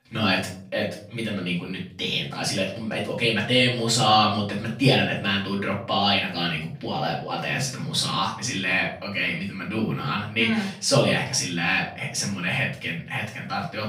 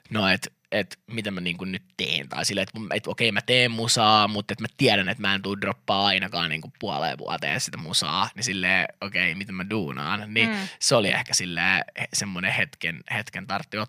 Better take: second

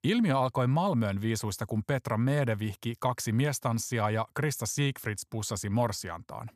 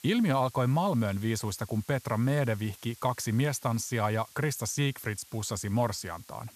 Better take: first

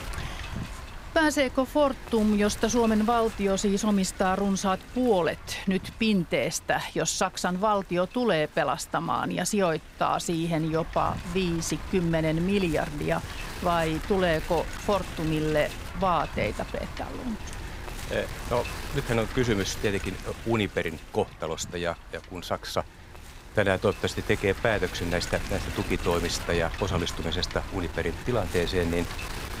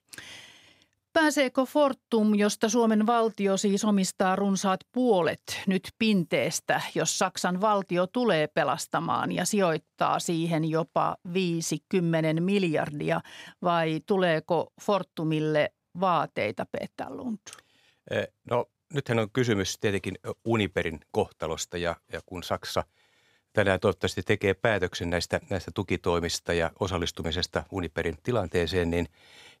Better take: second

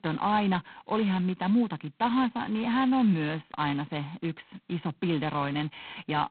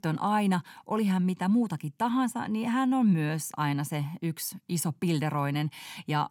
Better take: second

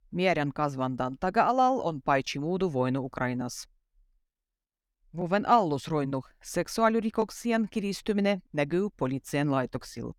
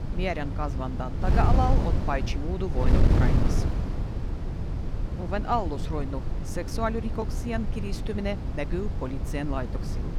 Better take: first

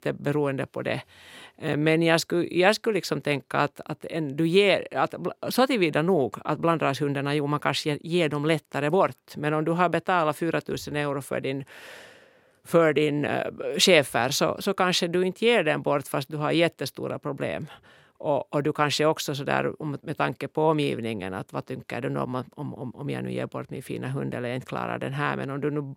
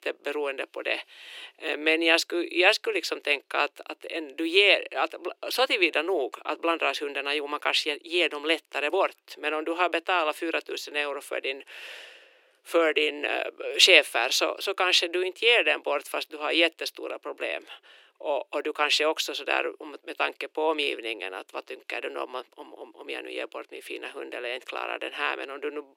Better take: first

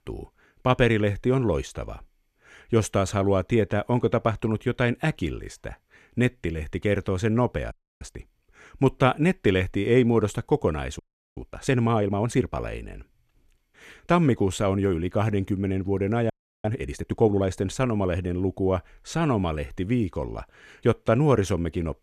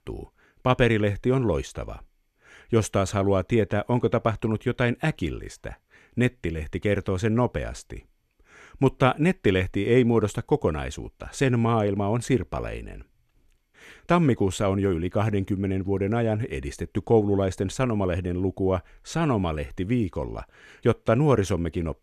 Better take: second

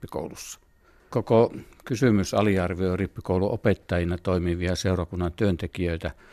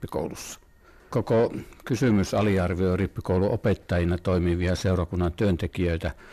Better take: first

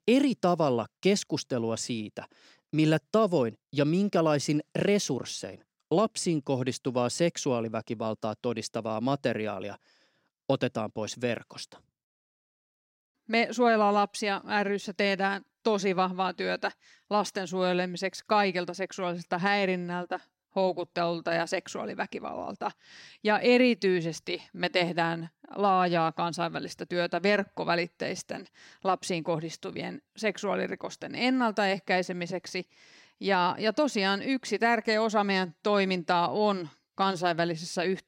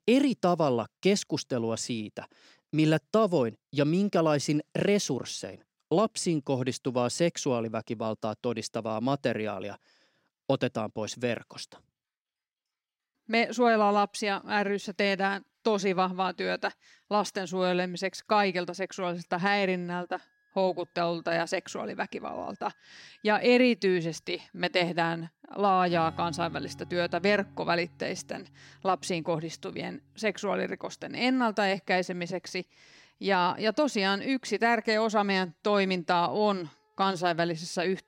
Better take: first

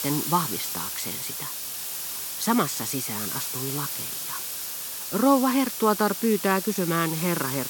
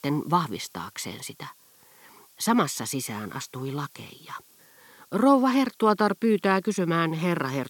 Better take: second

